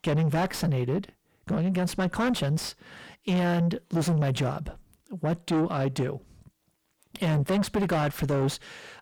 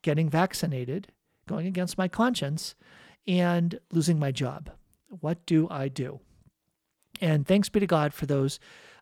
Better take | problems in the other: second | distortion; heavy; 6 dB below the speech

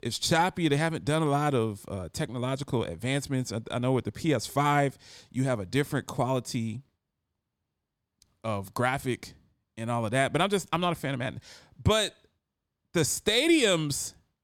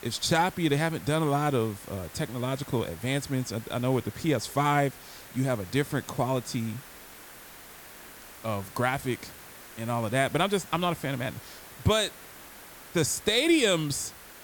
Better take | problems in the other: first | hiss; noticeable; throughout; 15 dB below the speech

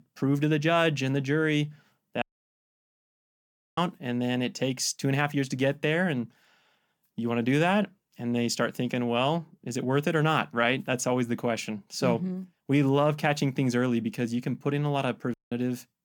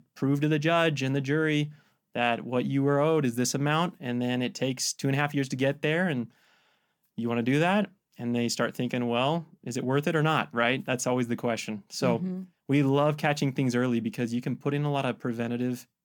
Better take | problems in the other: second | audio cutting out; at 2 s for 1.5 s and at 15 s

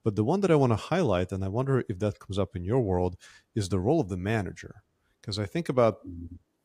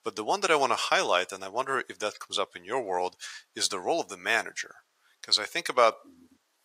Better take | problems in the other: first | thin; very; fading below 1 kHz

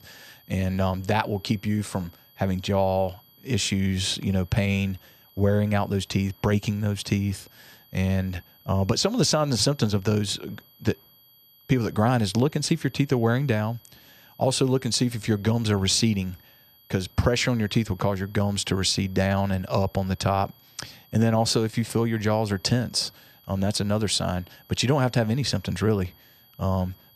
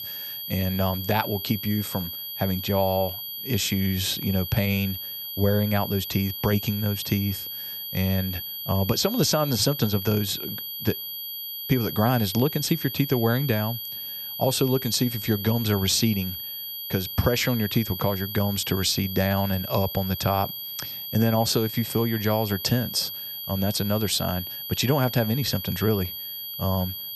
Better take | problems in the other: first | high-pitched whine; loud; throughout; 12 kHz, 6 dB below the speech; faint in the first

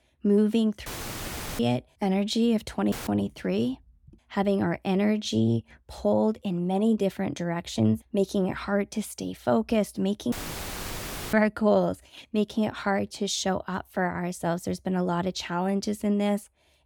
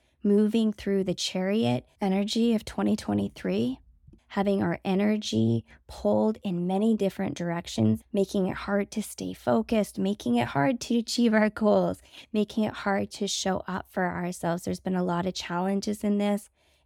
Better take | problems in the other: second | audio cutting out; filled with static; at 1 s for 0.5 s, at 3 s and at 10 s for 1 s

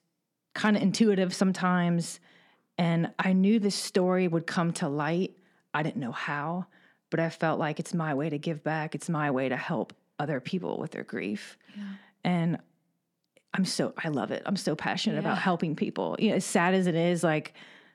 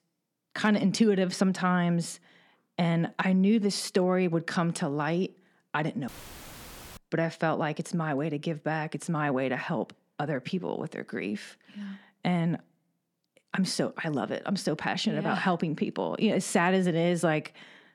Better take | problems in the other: first | audio cutting out; filled with static; at 6 s for 1 s

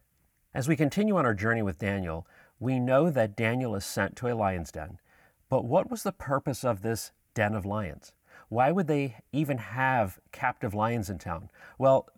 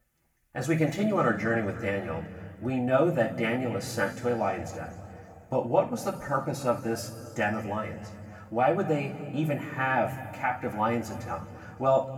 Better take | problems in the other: first | room echo; noticeable; dies away in 2.1 s // off-mic speech; far

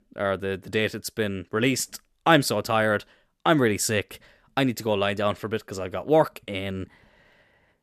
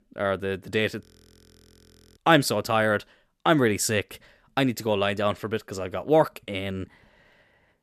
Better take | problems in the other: first | audio freezing; at 1 s for 1 s

